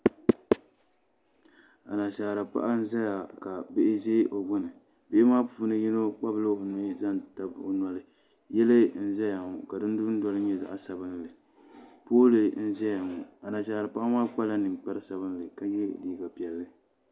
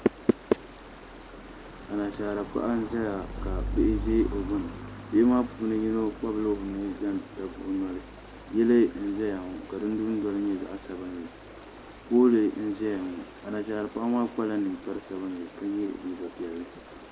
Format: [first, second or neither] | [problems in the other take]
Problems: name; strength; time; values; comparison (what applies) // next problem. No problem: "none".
first | background sound (Stream); 12 dB below the speech